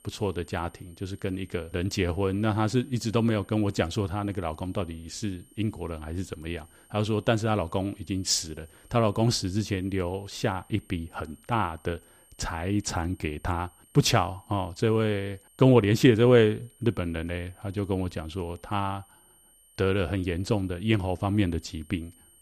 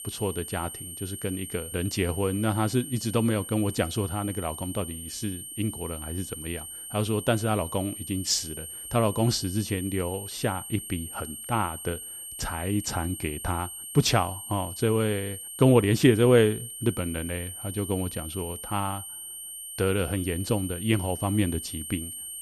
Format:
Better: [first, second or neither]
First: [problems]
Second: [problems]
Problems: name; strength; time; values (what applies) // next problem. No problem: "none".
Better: first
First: high-pitched whine; faint; throughout; 9 kHz, 30 dB below the speech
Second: high-pitched whine; loud; throughout; 9 kHz, 9 dB below the speech